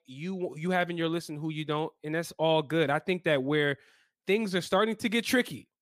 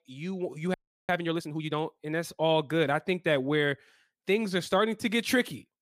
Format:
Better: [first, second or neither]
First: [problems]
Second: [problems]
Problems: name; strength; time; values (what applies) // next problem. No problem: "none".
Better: first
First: none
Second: audio freezing; at 0.5 s